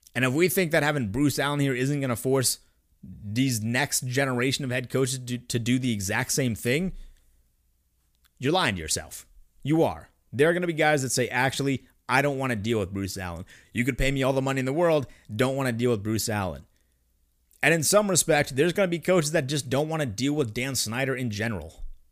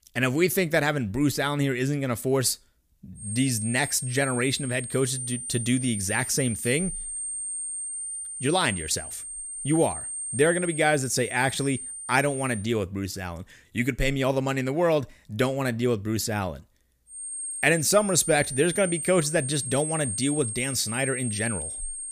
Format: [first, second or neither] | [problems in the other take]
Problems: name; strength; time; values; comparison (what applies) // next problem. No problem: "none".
first | high-pitched whine; loud; from 3 to 13 s and from 17 s on; 8.5 kHz, 6 dB below the speech